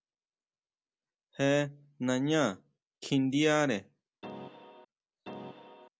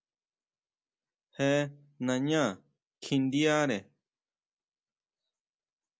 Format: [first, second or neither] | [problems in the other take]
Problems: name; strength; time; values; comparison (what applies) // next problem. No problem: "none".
second | background sound (Keyboard (musical)); 13 dB below the speech